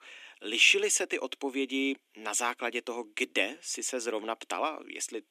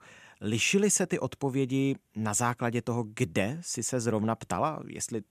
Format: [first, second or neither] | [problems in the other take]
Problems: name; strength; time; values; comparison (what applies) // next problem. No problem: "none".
second | thin; very slightly; fading below 250 Hz